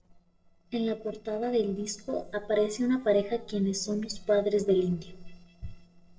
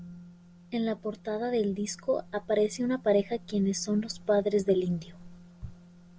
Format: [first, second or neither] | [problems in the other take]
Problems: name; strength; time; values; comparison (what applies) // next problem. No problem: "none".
second | noise reduction (neural separator model SepFormer DNS4)